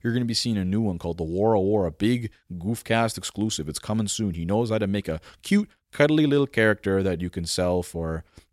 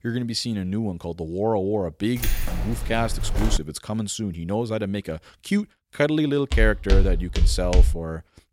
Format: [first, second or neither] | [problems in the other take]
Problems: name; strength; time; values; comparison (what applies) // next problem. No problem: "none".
first | jangling keys; noticeable; from 2 to 3.5 s; peak 1 dB below the speech // footsteps; loud; from 6.5 to 8 s; peak 5 dB above the speech